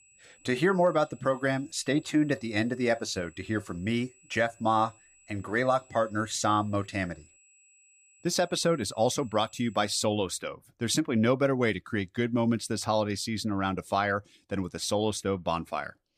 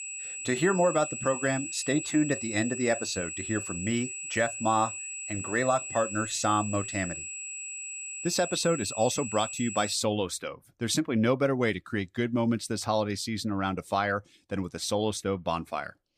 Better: first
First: high-pitched whine; faint; until 10 s; 8 kHz, 30 dB below the speech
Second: high-pitched whine; loud; until 10 s; 8 kHz, 6 dB below the speech

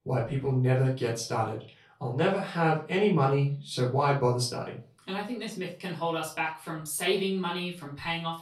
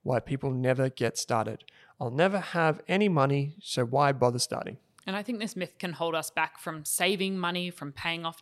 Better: second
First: room echo; slight; dies away in 0.3 s // off-mic speech; far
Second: none

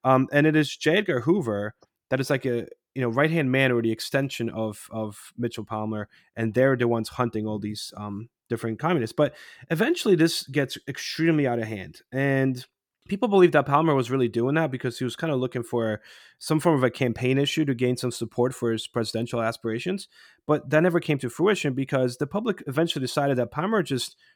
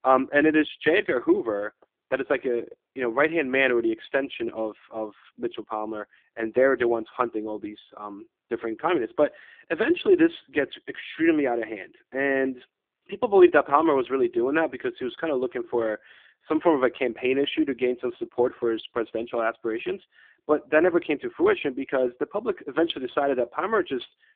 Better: first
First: none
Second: phone-call audio; poor line; nothing above 3.5 kHz

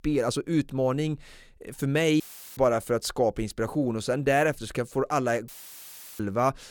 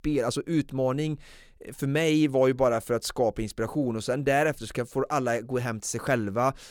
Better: second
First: audio cutting out; filled with static; at 2 s and at 5.5 s for 0.5 s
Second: none

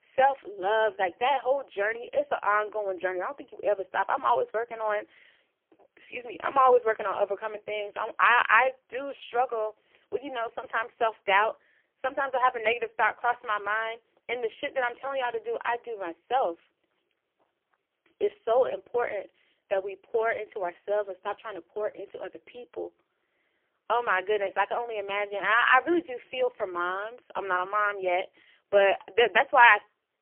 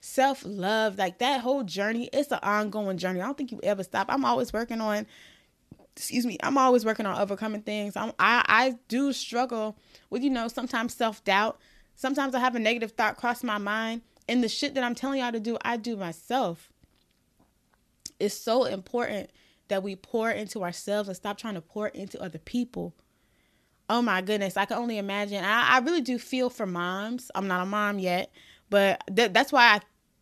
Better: second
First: phone-call audio; poor line; nothing above 3 kHz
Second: none

